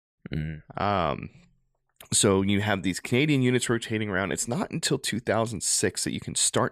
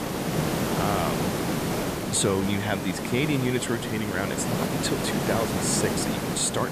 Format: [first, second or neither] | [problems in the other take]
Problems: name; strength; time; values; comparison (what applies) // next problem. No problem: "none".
first | hiss; loud; throughout; as loud as the speech